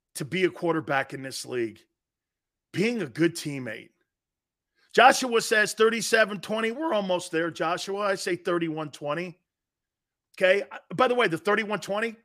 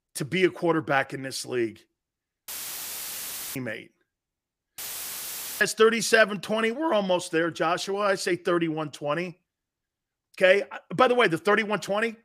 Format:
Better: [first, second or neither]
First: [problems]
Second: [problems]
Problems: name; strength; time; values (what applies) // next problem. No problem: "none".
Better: first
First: none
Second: audio cutting out; filled with static; at 2.5 s for 1 s and at 5 s for 1 s